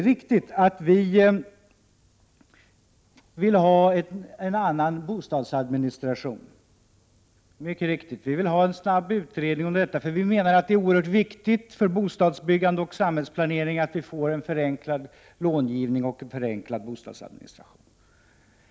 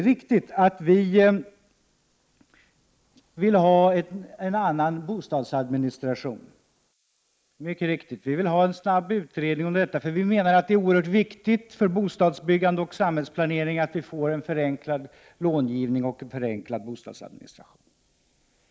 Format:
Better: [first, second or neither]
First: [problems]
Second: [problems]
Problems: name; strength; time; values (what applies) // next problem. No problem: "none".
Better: first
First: none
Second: noise reduction (neural mask model Resemble Enhance denoiser)